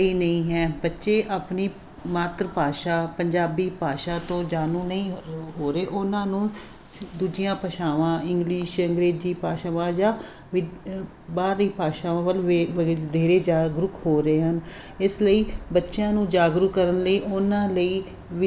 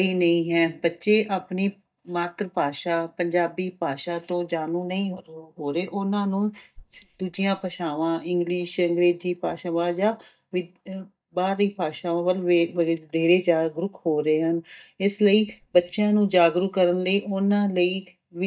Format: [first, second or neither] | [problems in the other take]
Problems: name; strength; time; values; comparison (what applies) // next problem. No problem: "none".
first | noise reduction (neural mask model DeepFilterNet 3)